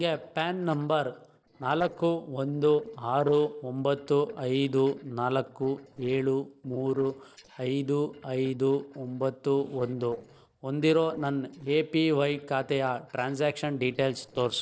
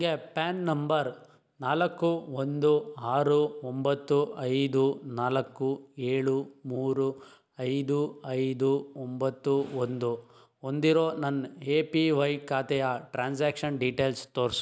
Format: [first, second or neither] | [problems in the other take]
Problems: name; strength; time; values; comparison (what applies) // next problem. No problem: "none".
second | noise reduction (neural separator model SepFormer DNS4)